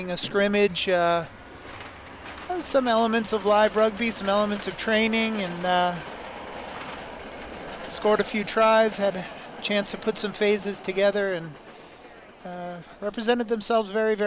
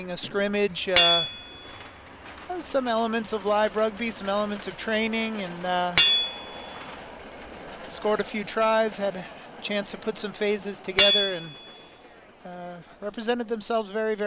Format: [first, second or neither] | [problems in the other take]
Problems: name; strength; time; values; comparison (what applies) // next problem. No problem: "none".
first | background sound (Hammer / Chink, clink); 3 dB below the speech